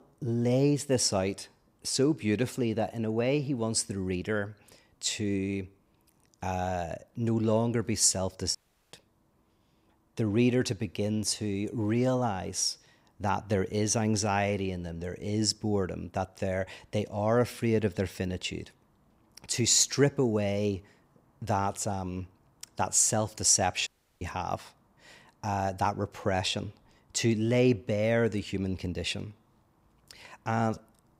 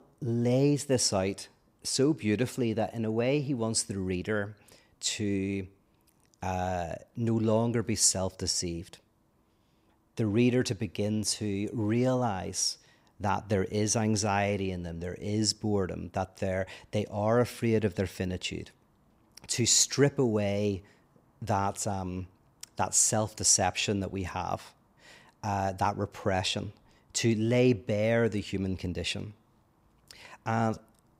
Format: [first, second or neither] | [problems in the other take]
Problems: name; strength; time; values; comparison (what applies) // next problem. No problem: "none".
second | audio cutting out; at 8.5 s and at 24 s